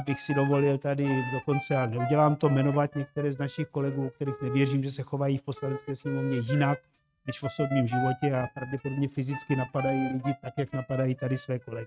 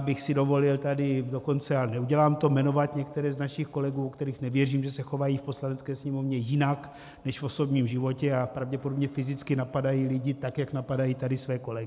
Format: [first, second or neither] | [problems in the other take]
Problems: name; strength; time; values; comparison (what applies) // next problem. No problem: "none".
second | noise reduction (neural mask model RNNoise)